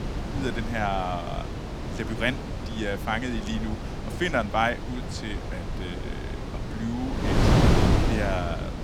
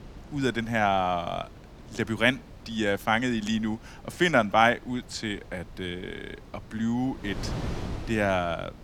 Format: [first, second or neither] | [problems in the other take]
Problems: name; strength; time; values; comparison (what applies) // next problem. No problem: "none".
second | wind noise on the microphone; heavy; 3 dB below the speech; occasional gusts in the second